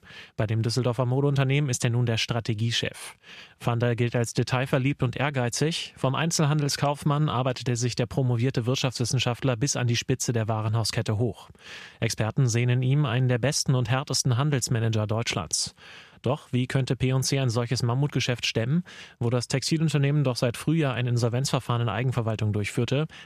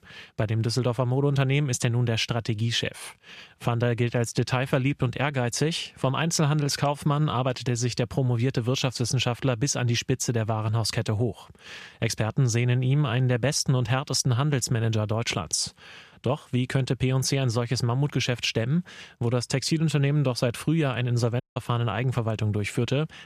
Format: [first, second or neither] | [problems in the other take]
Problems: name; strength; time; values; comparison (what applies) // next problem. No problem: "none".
first | audio cutting out; at 21 s